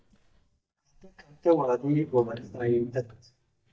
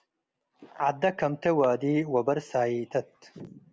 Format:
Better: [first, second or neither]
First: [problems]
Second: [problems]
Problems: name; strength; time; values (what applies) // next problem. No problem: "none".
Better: second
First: noise reduction (neural mask model DeepFilterNet 3)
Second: none